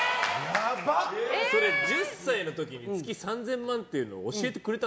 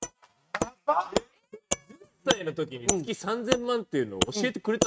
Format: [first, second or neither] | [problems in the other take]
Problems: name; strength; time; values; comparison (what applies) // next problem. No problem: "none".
first | noise reduction (neural mask model RNNoise)